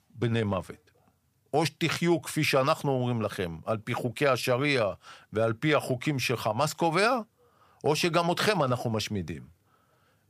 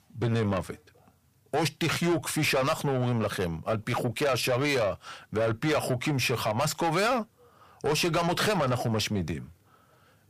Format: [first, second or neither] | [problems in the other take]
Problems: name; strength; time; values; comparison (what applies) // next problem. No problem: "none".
first | distortion; heavy; 8 dB below the speech